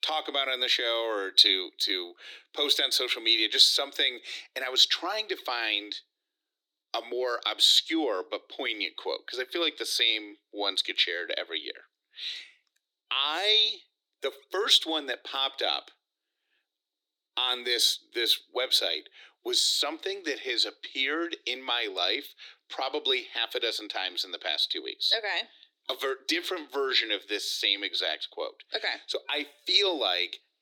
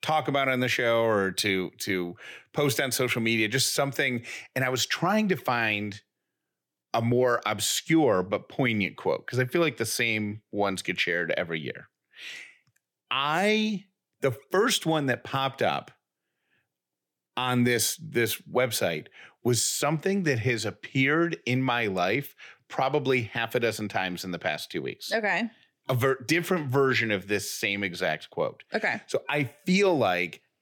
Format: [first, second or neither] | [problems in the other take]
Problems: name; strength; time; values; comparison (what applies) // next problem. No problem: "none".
second | thin; very; fading below 300 Hz